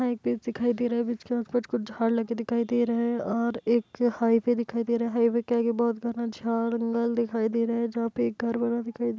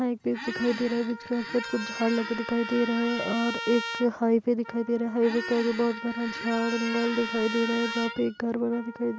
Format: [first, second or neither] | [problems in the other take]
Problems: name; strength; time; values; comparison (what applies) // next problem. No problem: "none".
first | background sound (Trumpet + Squeak); 9 dB below the speech